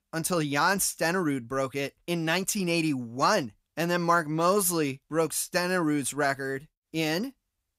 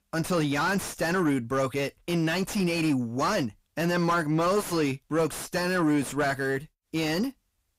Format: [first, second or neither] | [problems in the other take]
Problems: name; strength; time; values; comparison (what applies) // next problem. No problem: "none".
first | distortion; heavy; 6 dB below the speech